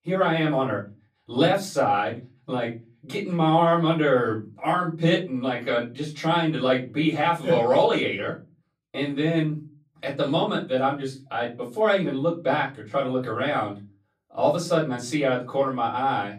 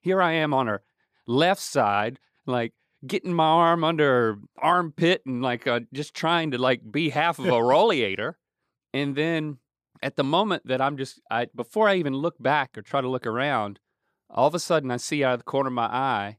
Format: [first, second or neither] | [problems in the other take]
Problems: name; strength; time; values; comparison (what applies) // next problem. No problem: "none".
second | room echo; slight; dies away in 0.3 s // off-mic speech; far